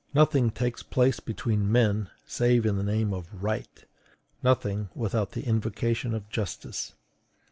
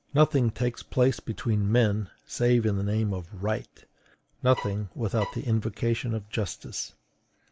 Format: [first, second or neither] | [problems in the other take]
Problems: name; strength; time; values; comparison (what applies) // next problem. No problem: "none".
first | background sound (Bowed string instrument); 14 dB below the speech